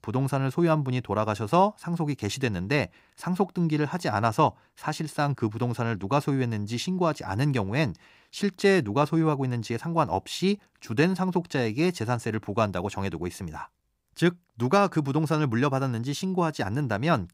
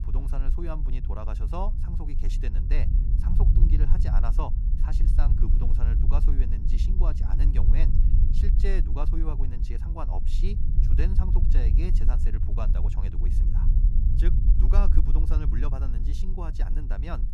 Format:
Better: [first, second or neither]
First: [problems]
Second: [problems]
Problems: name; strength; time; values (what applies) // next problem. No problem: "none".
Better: first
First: none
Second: low rumble; loud; throughout; 4 dB below the speech